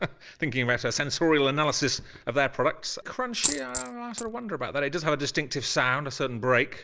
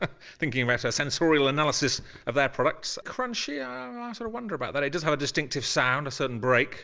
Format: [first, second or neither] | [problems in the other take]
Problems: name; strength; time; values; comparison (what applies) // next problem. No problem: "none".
second | noise reduction (neural mask model Resemble Enhance denoiser)